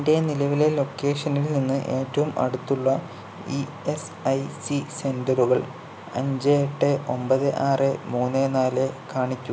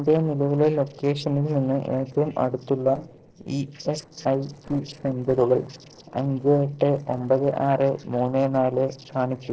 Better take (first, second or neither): first